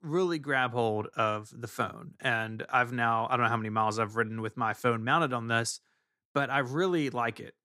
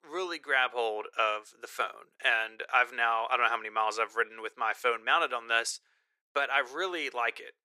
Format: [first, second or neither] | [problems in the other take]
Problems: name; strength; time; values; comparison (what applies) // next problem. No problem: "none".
first | thin; very; fading below 450 Hz